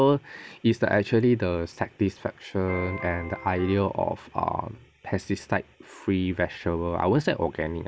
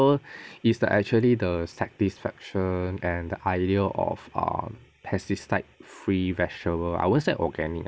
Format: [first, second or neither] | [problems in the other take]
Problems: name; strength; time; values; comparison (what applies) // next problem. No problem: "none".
second | background sound (Electric guitar); 12 dB below the speech